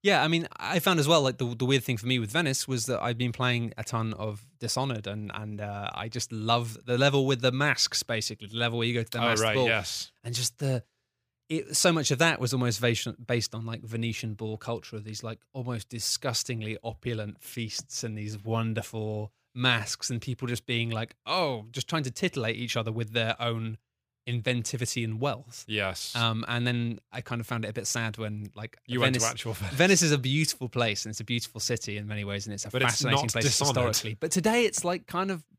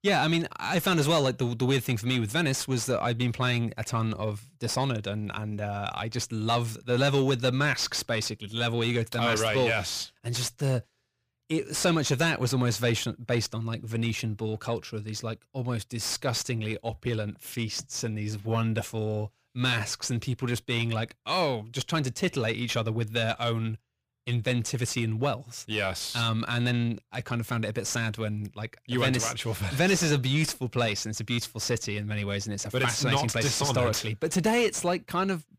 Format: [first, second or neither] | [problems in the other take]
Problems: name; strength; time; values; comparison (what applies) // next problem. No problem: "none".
first | distortion; slight; 10 dB below the speech